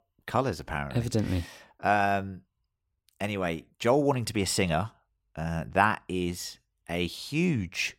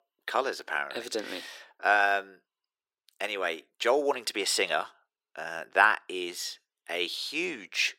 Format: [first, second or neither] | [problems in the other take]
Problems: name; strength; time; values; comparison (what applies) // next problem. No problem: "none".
first | thin; very; fading below 400 Hz